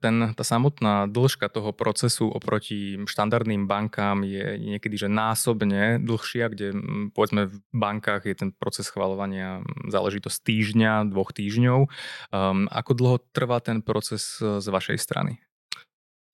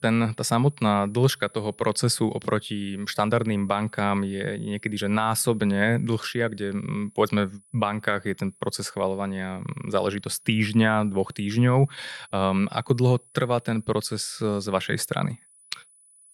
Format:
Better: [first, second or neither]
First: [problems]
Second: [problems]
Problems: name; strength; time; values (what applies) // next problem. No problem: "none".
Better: first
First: none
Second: high-pitched whine; faint; throughout; 10 kHz, 25 dB below the speech